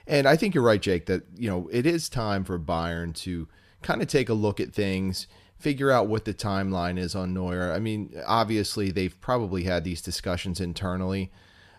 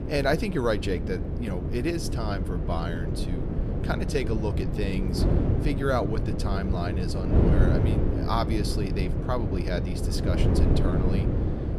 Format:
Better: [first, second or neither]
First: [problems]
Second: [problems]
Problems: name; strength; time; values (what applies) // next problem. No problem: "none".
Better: first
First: none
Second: wind noise on the microphone; heavy; 3 dB below the speech